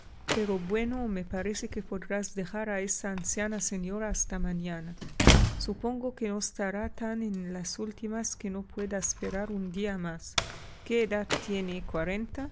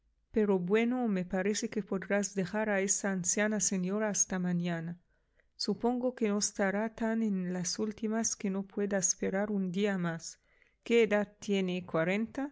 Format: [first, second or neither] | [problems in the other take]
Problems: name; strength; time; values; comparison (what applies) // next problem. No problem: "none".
second | background sound (Slam); 1 dB below the speech